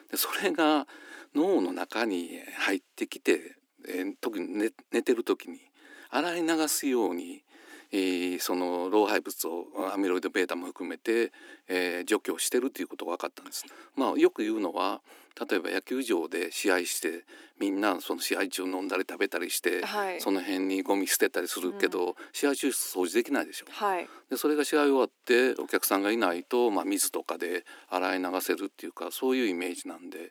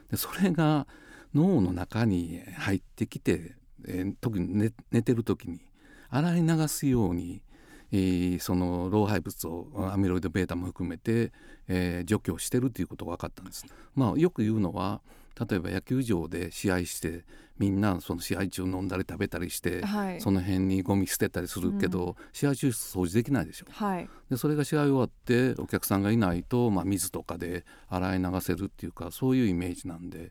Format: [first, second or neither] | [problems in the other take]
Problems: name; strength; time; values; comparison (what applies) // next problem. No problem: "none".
second | thin; somewhat; fading below 300 Hz